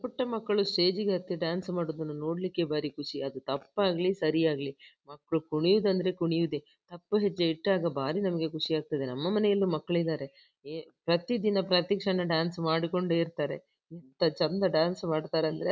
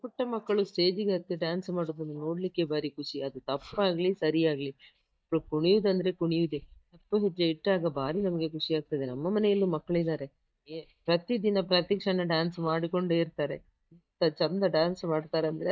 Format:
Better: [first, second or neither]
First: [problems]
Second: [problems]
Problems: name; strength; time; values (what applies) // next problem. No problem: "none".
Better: first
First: none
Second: noise reduction (neural mask model DeepFilterNet 3)